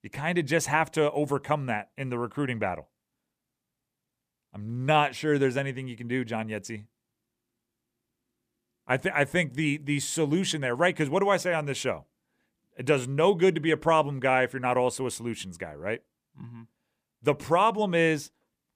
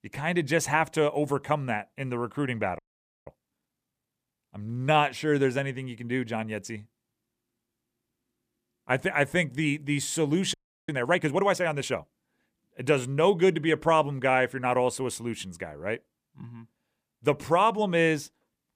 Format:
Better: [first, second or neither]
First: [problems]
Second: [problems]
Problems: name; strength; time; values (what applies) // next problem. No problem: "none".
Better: first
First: none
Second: audio freezing; at 3 s and at 11 s